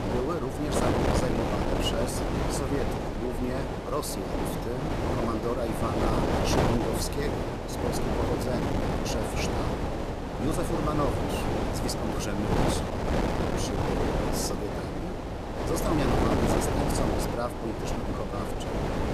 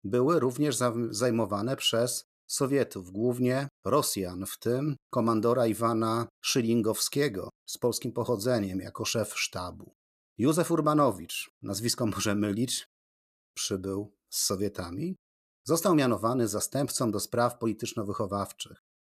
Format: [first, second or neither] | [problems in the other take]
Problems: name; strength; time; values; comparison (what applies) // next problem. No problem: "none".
second | wind noise on the microphone; heavy; 4 dB above the speech